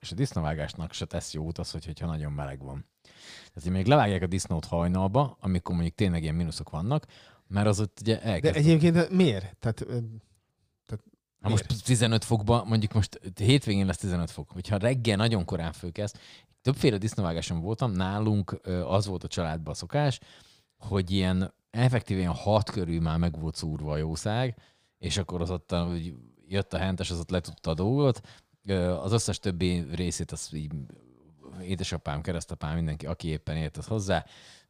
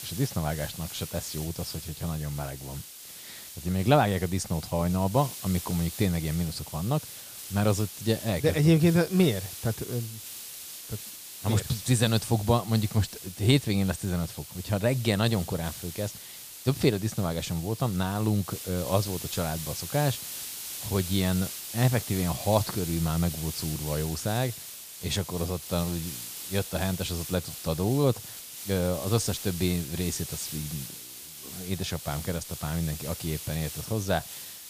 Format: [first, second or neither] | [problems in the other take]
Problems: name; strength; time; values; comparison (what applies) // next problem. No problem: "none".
first | hiss; loud; throughout; 9 dB below the speech